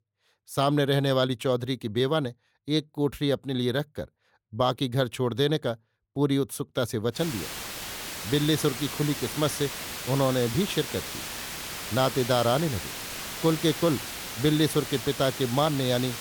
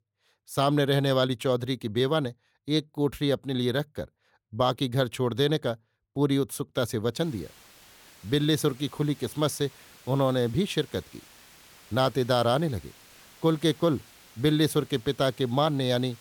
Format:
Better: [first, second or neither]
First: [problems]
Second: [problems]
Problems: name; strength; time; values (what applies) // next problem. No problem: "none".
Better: second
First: hiss; loud; from 7 s on; 7 dB below the speech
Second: hiss; faint; from 7 s on; 25 dB below the speech